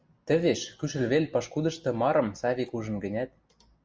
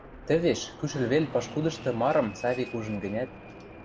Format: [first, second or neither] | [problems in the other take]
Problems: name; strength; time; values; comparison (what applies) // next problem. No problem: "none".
first | background sound (Fixed-wing aircraft, airplane); 14 dB below the speech